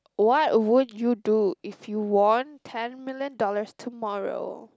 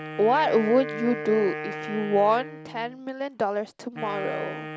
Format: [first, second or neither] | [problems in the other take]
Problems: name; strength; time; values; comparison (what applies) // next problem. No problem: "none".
first | background sound (Wind instrument, woodwind instrument); 10 dB below the speech